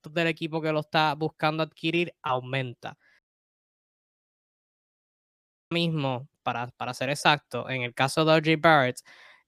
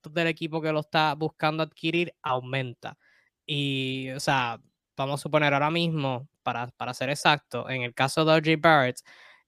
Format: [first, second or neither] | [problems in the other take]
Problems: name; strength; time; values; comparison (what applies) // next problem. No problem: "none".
second | audio cutting out; at 3 s for 2.5 s